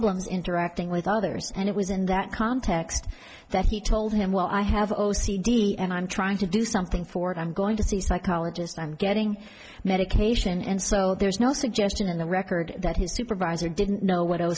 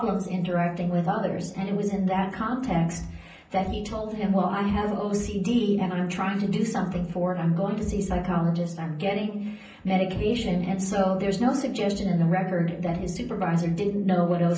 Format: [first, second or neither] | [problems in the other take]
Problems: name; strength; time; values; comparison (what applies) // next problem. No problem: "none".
first | room echo; dies away in 0.6 s